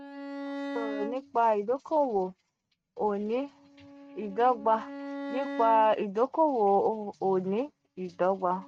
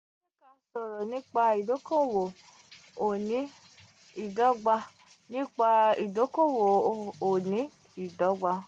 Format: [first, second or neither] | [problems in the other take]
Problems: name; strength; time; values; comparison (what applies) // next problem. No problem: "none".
second | noise reduction (neural mask model RNNoise)